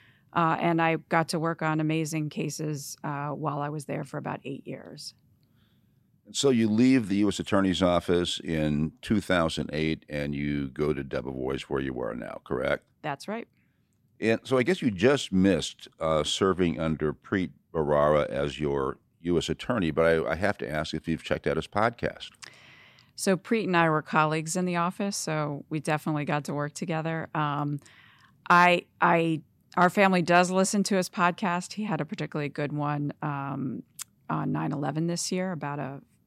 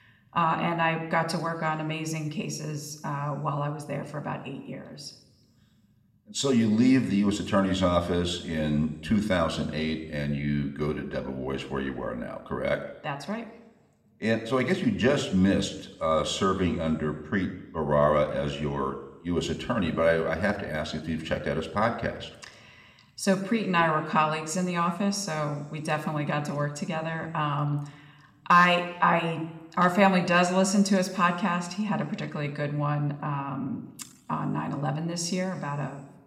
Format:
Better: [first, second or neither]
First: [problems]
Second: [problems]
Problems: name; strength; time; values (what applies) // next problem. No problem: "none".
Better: first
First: none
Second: room echo; slight; dies away in 1.1 s